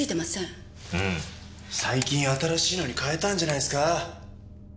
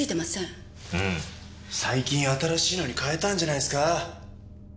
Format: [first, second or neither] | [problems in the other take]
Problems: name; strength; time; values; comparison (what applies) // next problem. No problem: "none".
second | background sound (Camera); 17 dB below the speech